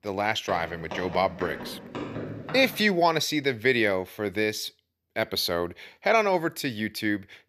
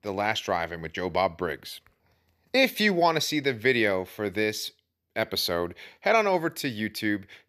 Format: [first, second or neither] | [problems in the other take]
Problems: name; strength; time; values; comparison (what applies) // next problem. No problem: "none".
second | footsteps; noticeable; until 3 s; peak 9 dB below the speech